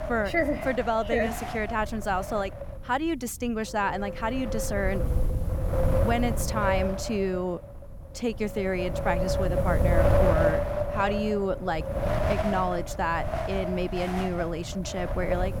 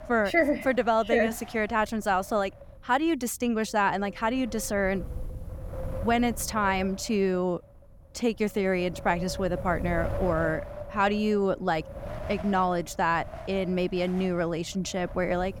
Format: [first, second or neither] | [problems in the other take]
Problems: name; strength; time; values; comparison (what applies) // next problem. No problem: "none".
second | wind noise on the microphone; heavy; 2 dB below the speech; occasional gusts in the second